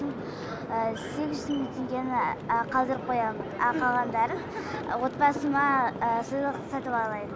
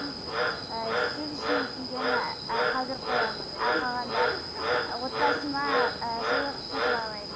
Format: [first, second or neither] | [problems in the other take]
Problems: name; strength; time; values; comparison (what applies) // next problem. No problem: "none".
first | background sound (Frog); 3 dB above the speech